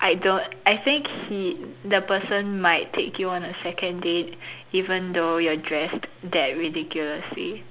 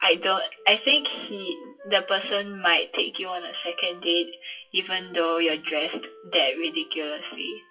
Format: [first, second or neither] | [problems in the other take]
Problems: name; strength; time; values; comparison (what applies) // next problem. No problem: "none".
first | noise reduction (classical method WPE with log-MMSE)